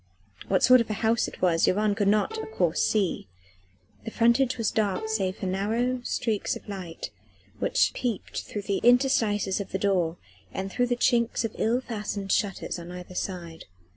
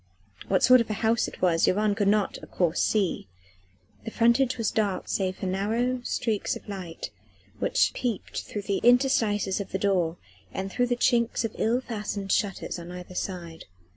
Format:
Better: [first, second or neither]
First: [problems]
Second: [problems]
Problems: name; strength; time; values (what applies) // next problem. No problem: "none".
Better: second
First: background sound (Bowed string instrument); 13 dB below the speech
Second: none